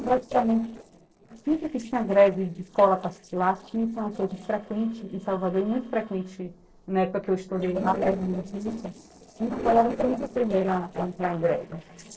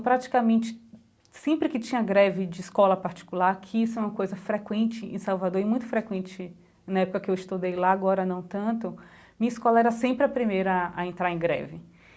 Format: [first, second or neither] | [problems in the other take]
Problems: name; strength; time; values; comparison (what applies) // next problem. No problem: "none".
second | noise reduction (neural separator model SepFormer DNS4)